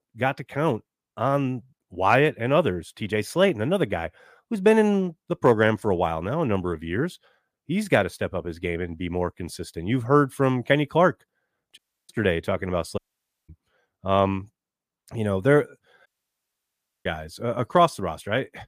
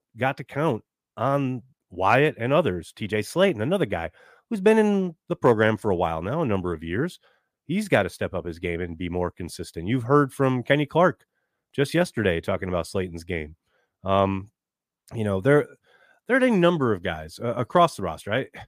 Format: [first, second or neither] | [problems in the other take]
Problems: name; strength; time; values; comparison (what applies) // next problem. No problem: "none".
second | audio cutting out; at 12 s, at 13 s for 0.5 s and at 16 s for 1 s